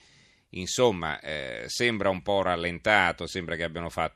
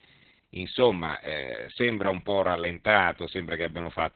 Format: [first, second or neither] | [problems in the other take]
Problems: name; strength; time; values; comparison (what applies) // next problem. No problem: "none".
first | garbled, watery; badly; nothing above 4 kHz